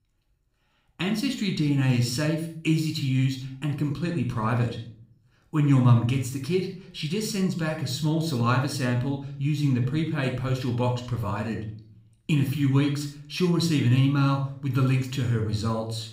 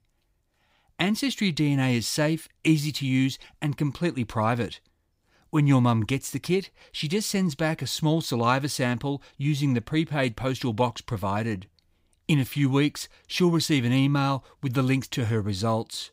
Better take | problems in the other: second | room echo; slight; dies away in 0.5 s

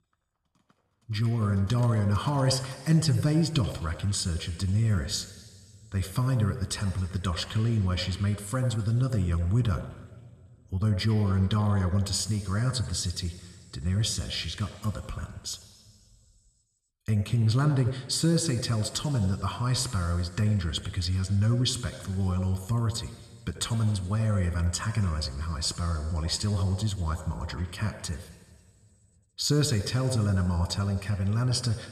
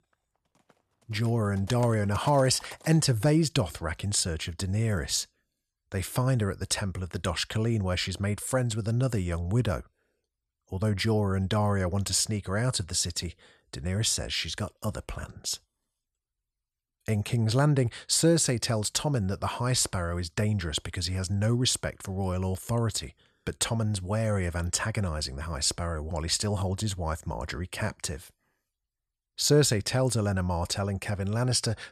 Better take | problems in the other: second | room echo; slight; dies away in 2.2 s

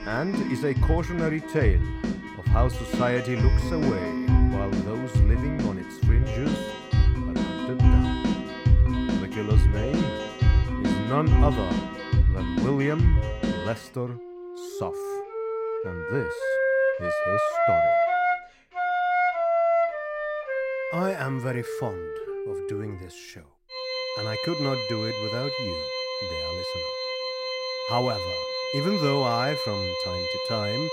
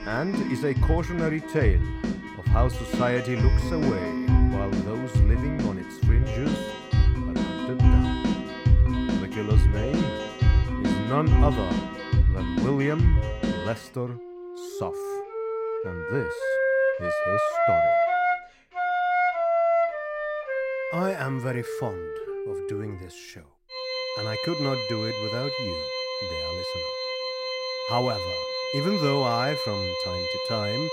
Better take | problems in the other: neither | background music; very loud; throughout; 5 dB above the speech; the same in both

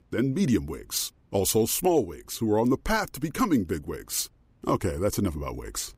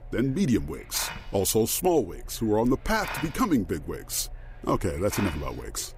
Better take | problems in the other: first | hiss; noticeable; throughout; 15 dB below the speech

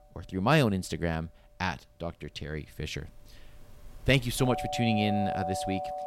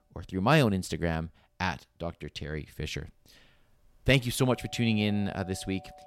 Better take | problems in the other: second | alarms or sirens; loud; throughout; 4 dB below the speech; faint in the second

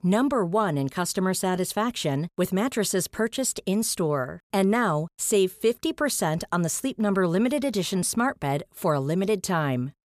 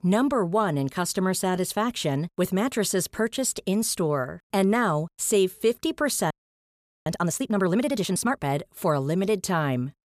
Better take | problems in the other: first | audio freezing; at 6.5 s for 1 s

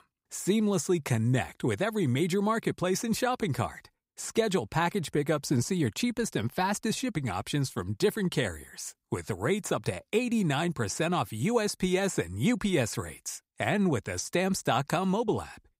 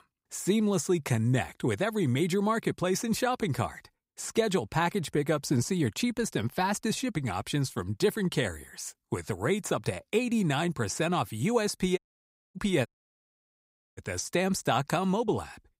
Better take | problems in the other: first | audio cutting out; at 12 s for 0.5 s and at 13 s for 1 s

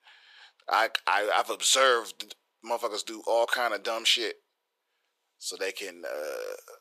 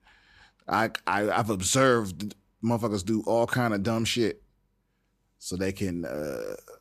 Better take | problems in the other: second | thin; very; fading below 500 Hz

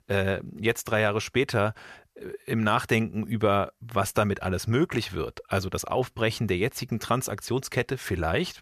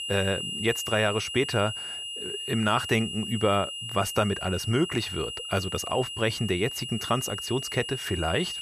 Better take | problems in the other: first | high-pitched whine; loud; throughout; 3 kHz, 5 dB below the speech

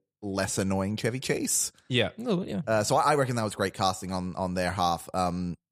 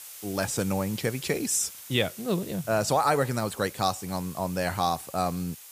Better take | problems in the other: first | hiss; noticeable; throughout; 15 dB below the speech

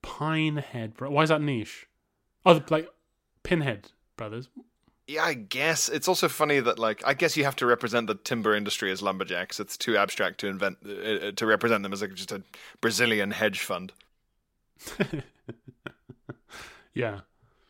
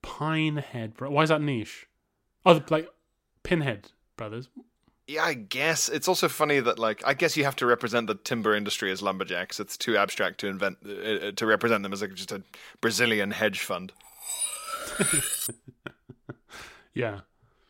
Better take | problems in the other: first | clattering dishes; loud; from 14 to 16 s; peak 2 dB above the speech

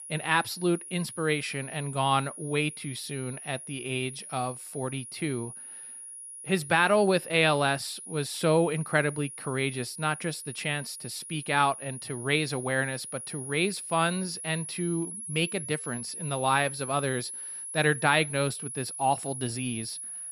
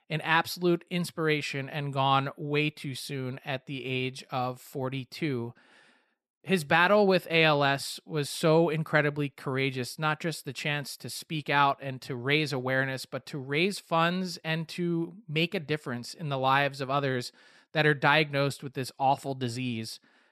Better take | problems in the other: second | high-pitched whine; loud; throughout; 10.5 kHz, 9 dB below the speech

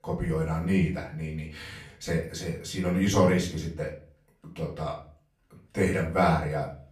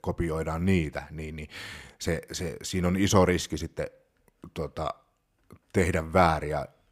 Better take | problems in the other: second | room echo; slight; dies away in 0.4 s // off-mic speech; far

